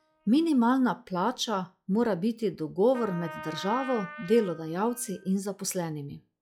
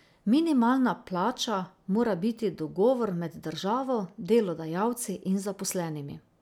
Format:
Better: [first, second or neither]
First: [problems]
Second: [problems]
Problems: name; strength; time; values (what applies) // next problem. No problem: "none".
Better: second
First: noise reduction (classical method log-MMSE)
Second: none